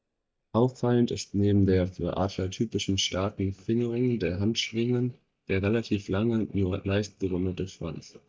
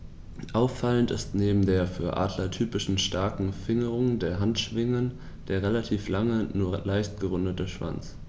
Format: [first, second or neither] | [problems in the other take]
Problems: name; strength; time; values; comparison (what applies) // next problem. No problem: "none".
second | noise reduction (neural mask model DeepFilterNet 3)